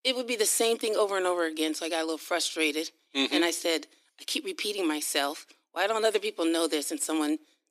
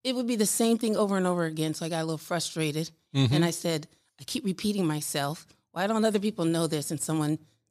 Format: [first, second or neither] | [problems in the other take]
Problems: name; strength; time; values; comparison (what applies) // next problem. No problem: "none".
second | thin; somewhat; fading below 300 Hz